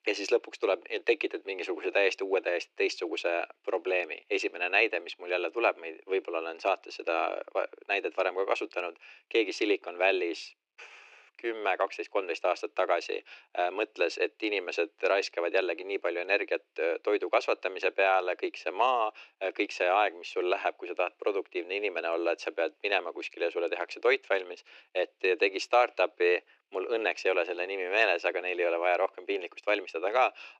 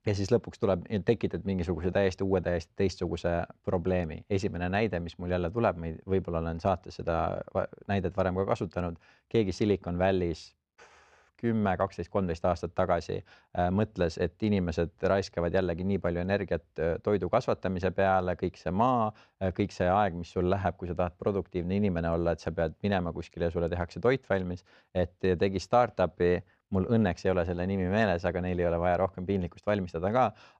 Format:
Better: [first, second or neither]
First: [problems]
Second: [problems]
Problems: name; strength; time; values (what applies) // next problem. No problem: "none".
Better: second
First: thin; very; fading below 300 Hz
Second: none